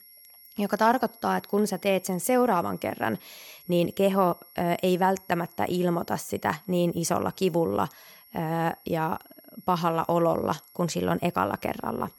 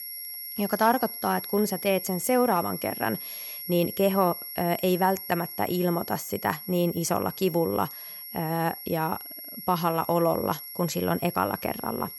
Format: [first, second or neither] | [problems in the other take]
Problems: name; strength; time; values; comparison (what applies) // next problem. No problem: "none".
first | high-pitched whine; loud; throughout; 11.5 kHz, 9 dB below the speech; faint in the first